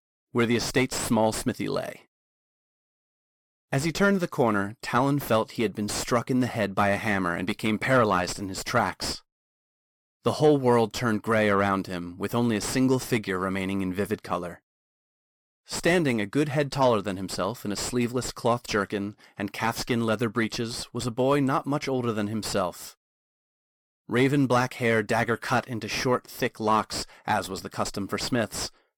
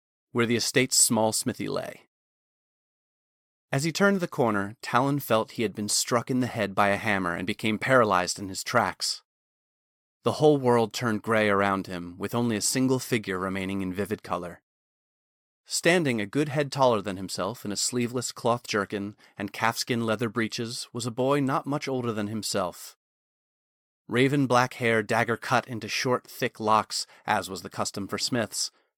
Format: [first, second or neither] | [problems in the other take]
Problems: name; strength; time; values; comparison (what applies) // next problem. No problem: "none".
second | distortion; slight; 8 dB below the speech